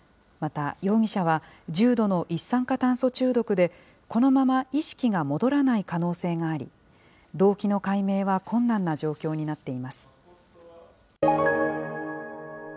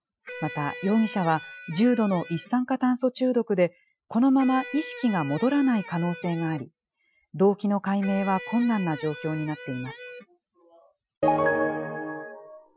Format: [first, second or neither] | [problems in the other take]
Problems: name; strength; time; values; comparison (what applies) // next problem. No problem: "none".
first | noise reduction (classical method Wiener filter)